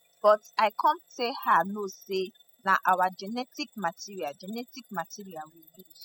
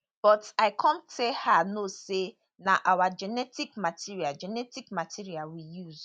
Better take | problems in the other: second | noise reduction (classical method spectral subtraction)

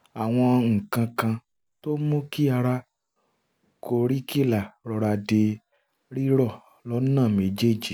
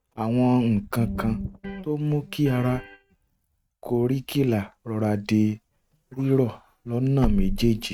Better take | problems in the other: first | noise reduction (neural mask model RNNoise)

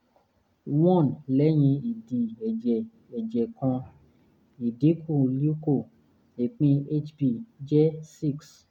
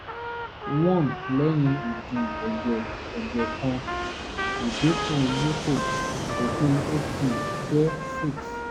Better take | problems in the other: first | background sound (Fixed-wing aircraft, airplane + Trumpet); 4 dB below the speech

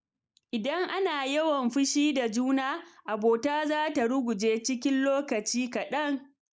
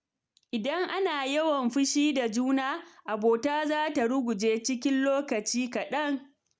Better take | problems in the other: second | noise reduction (neural mask model Resemble Enhance denoiser)

